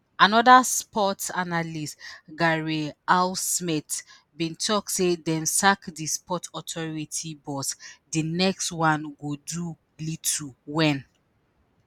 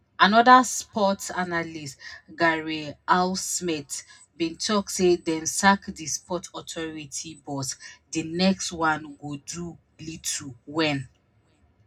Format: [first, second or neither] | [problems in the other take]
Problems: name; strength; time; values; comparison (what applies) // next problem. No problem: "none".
first | room echo; dies away in 0.2 s